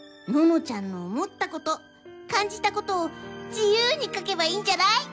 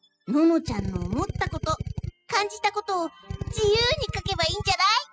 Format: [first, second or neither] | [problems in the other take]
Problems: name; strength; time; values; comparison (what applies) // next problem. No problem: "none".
first | noise reduction (classical method spectral subtraction)